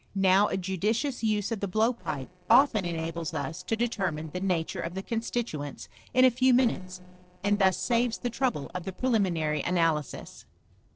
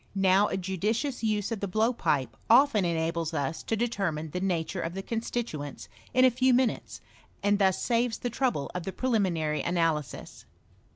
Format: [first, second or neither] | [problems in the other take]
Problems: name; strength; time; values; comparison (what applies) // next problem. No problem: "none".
second | noise reduction (neural separator model SepFormer DNS4)